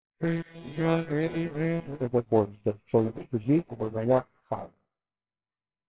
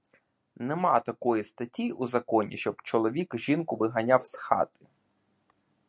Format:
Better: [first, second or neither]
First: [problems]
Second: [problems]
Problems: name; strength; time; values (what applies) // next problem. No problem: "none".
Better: second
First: noise reduction (neural separator model SepFormer WHAMR!)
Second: none